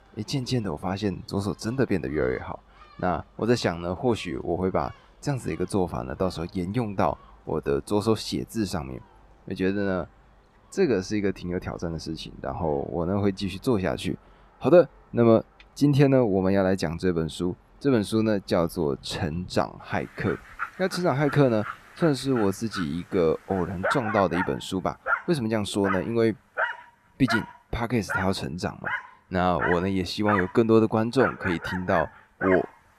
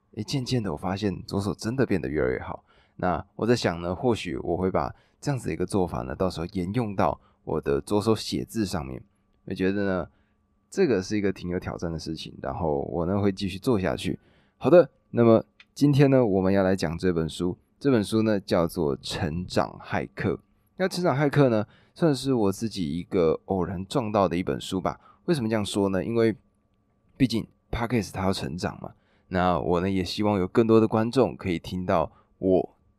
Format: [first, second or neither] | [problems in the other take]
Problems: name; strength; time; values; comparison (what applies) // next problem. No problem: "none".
second | animal sounds; loud; throughout; 6 dB below the speech